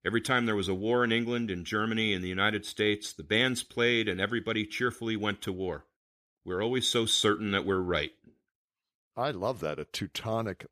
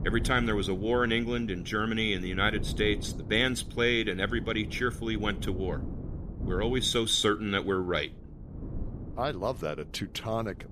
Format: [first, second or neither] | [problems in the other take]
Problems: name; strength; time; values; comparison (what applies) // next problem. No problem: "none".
first | wind noise on the microphone; occasional gusts; 20 dB below the speech